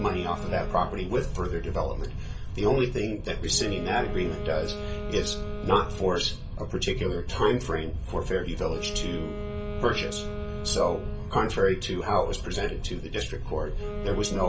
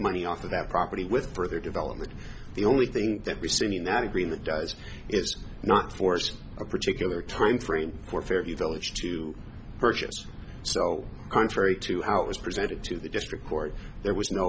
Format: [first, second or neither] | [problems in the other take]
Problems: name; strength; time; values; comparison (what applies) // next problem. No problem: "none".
second | background sound (Wind instrument, woodwind instrument); 12 dB below the speech // room echo; dies away in 0.2 s